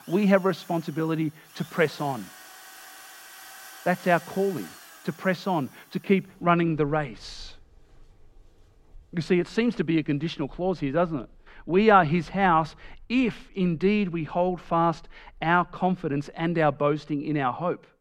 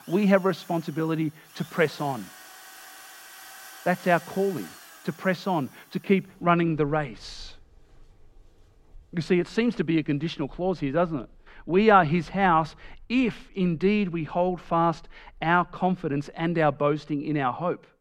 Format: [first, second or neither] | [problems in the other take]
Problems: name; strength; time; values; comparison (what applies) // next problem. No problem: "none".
neither | machinery noise; faint; throughout; 25 dB below the speech; the same in both